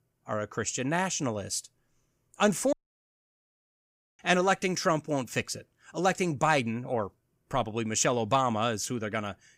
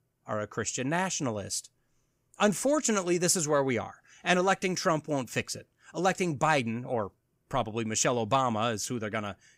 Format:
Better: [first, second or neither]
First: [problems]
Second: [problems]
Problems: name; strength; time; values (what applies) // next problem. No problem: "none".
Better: second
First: audio cutting out; at 2.5 s for 1.5 s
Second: none